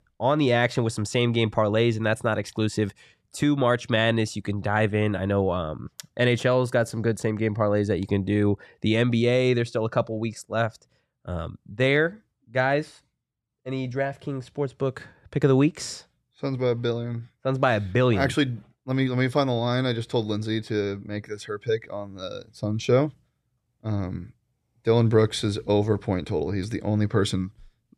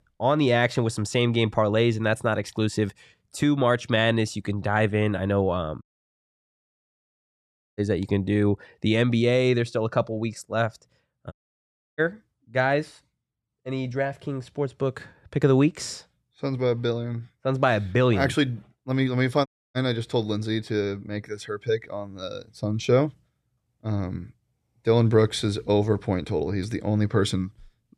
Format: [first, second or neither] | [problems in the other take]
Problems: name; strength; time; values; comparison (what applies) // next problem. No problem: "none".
first | audio cutting out; at 6 s for 2 s, at 11 s for 0.5 s and at 19 s